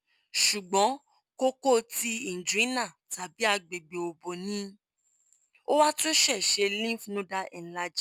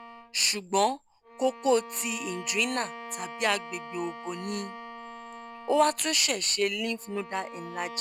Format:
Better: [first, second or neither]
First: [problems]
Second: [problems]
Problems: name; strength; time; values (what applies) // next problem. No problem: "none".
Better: first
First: none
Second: background sound (Bowed string instrument); 14 dB below the speech